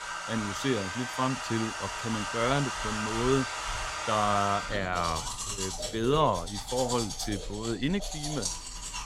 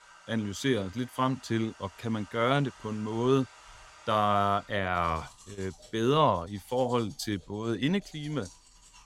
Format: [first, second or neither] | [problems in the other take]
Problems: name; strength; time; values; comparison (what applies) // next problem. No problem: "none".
second | household noises; loud; throughout; 3 dB below the speech; faint in the second